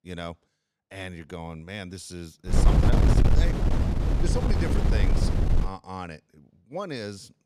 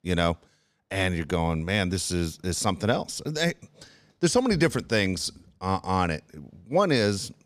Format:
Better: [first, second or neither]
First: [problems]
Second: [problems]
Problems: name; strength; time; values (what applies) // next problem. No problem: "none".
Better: second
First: wind noise on the microphone; heavy; from 2.5 to 5.5 s; 4 dB above the speech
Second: none